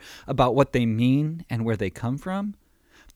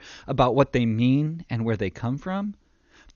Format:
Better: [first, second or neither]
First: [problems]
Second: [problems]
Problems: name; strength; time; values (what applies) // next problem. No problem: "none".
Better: first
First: none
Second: garbled, watery; slightly; nothing above 6.5 kHz